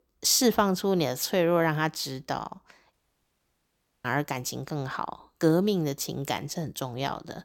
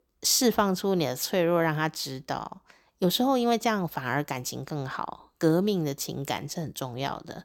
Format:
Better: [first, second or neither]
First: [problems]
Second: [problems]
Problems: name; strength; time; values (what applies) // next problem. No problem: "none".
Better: second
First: audio cutting out; at 3 s for 1 s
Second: none